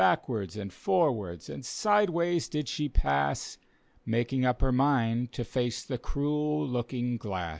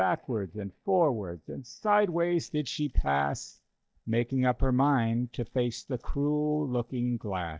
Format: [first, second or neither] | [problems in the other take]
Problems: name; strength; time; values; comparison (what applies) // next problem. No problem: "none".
first | noise reduction (neural mask model DeepFilterNet 3)